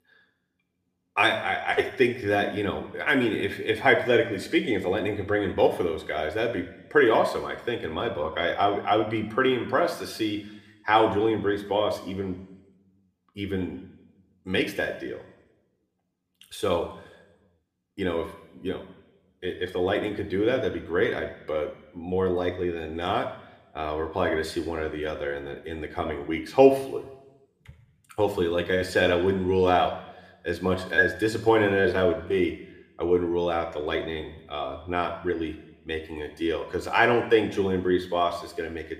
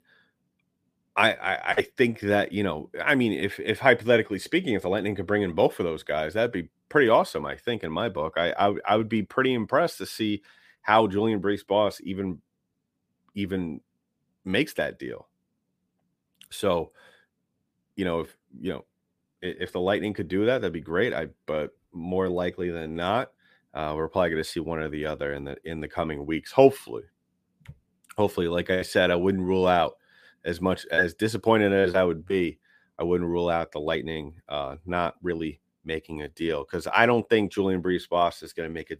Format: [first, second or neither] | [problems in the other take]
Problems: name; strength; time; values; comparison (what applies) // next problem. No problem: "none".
second | room echo; slight; dies away in 0.8 s